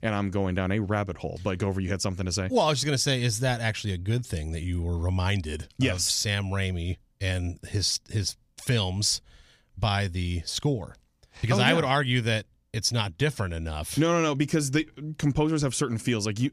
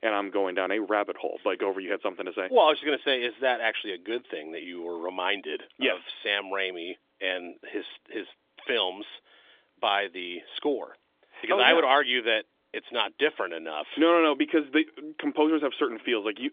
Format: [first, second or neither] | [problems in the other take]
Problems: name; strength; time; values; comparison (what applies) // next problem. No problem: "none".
first | phone-call audio; nothing above 3.5 kHz